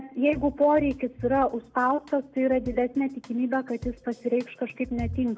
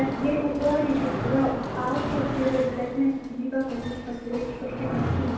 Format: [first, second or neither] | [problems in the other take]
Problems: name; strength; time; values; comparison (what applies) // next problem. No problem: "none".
first | background sound (Mechanisms); 5 dB below the speech // room echo; dies away in 0.9 s